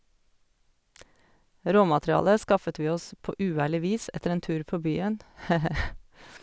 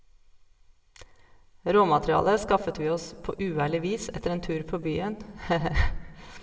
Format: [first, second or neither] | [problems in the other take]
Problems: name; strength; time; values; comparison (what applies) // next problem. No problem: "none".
first | room echo; dies away in 1.4 s